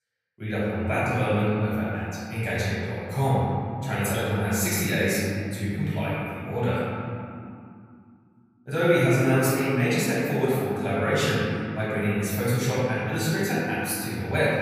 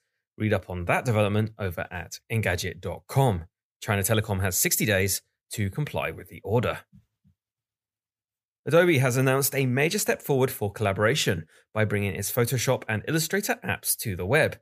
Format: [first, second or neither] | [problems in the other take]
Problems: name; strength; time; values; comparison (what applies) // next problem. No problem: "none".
second | room echo; strong; dies away in 2.7 s // off-mic speech; far